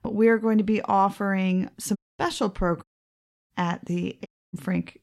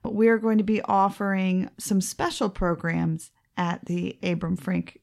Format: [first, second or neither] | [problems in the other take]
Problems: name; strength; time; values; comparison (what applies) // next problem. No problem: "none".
second | audio cutting out; at 2 s, at 3 s for 0.5 s and at 4.5 s